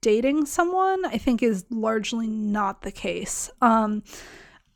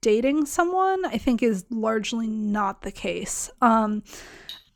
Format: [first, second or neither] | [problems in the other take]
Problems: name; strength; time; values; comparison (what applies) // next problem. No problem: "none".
first | clattering dishes; faint; at 4.5 s; peak 15 dB below the speech